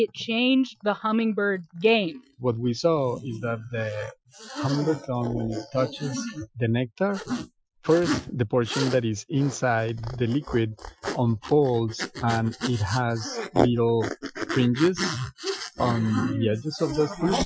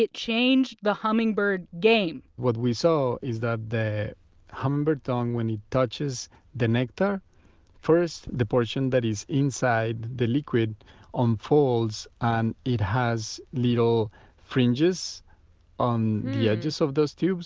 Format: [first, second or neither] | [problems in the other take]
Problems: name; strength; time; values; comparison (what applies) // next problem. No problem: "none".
second | noise reduction (classical method Wiener filter)